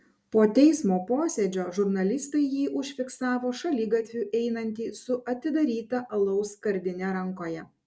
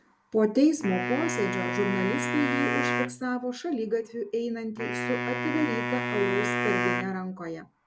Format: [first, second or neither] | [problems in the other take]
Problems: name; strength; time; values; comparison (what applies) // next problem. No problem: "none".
first | background sound (Wind instrument, woodwind instrument); 2 dB below the speech